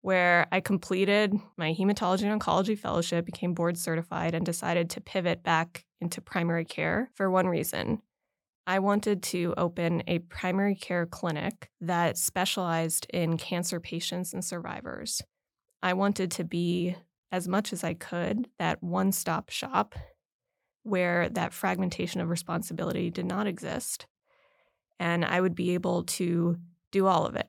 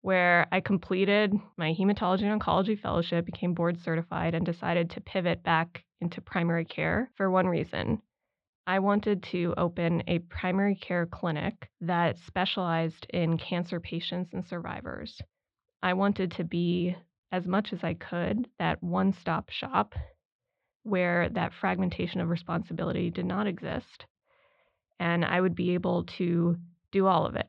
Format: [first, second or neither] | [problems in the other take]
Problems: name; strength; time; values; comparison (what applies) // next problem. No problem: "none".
first | muffled; slightly; fading above 4 kHz